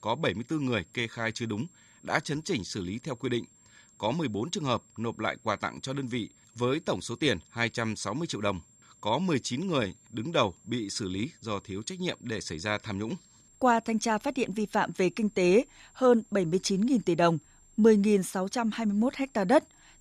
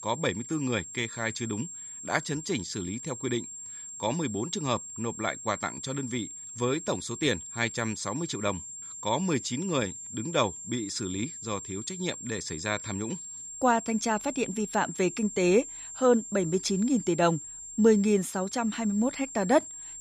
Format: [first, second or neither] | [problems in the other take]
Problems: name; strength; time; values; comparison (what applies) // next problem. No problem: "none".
first | high-pitched whine; loud; throughout; 7.5 kHz, 9 dB below the speech; faint in the first